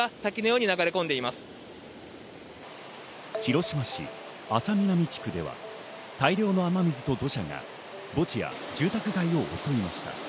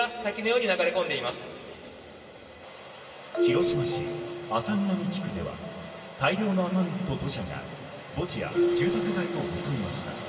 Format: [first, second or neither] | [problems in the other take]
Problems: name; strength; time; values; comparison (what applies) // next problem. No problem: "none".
first | background sound (Marimba, xylophone); 4 dB below the speech // room echo; dies away in 2.7 s